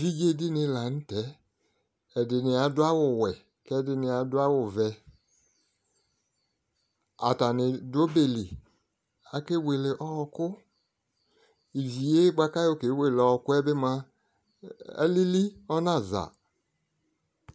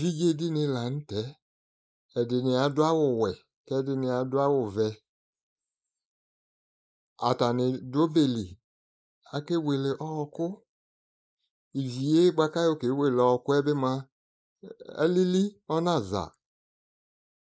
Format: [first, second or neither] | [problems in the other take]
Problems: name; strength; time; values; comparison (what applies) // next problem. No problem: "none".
first | noise reduction (neural mask model Resemble Enhance denoiser)